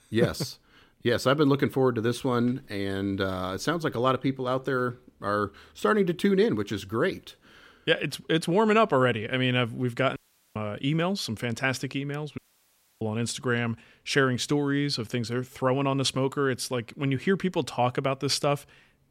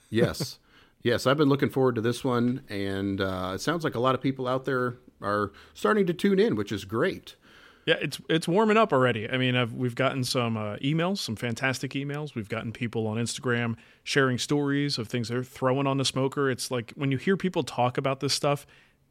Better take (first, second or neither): second